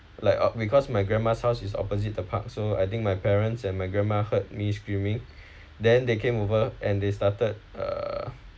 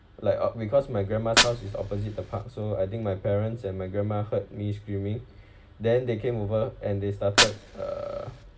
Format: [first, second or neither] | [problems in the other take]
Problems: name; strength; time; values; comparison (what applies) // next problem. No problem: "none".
first | background sound (Fire); 4 dB below the speech // room echo; dies away in 2 s